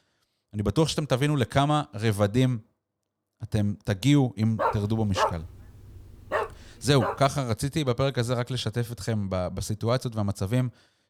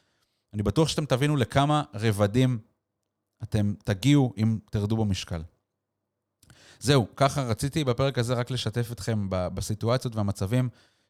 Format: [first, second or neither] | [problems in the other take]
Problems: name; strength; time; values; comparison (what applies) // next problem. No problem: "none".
second | dog barking; noticeable; from 4.5 to 7 s; peak 2 dB below the speech